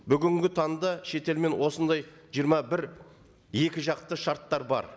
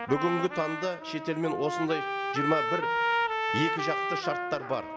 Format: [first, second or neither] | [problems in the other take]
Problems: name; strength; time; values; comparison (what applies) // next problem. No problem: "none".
first | background sound (Trumpet); as loud as the speech